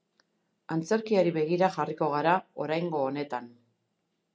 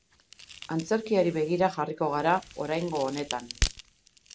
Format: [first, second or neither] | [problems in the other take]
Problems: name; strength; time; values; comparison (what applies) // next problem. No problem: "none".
first | background sound (Crack); 9 dB below the speech